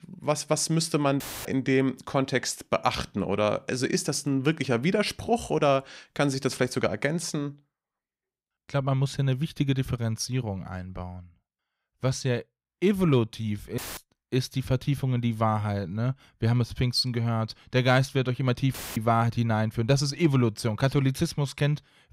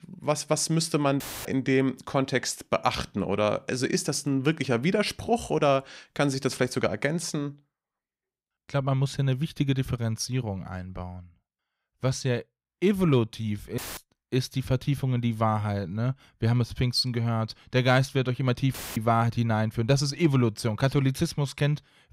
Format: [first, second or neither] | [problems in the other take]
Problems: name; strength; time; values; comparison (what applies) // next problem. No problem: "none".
neither | audio cutting out; filled with static; at 1 s, at 14 s and at 19 s; the same in both